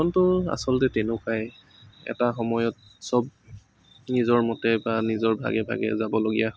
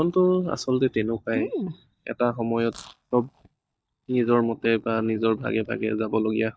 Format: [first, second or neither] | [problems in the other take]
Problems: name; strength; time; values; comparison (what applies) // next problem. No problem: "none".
first | noise reduction (neural mask model DeepFilterNet 3)